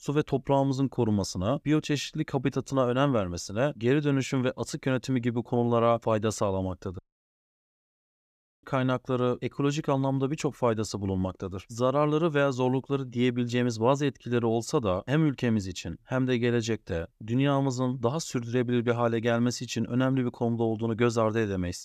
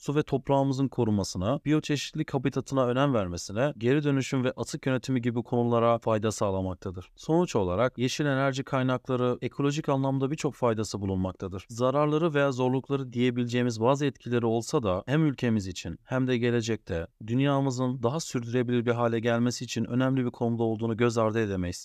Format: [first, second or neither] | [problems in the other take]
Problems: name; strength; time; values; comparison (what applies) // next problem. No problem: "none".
second | audio cutting out; at 7 s for 1.5 s